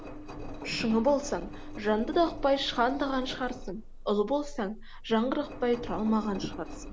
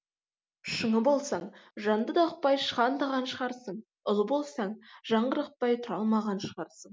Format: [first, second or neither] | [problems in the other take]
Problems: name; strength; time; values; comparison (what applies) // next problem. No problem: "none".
second | background sound (Engine); 11 dB below the speech